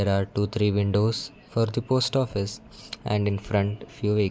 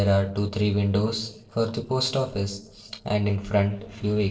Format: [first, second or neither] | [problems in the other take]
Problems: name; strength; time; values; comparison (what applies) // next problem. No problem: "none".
first | noise reduction (neural separator model SepFormer DNS4)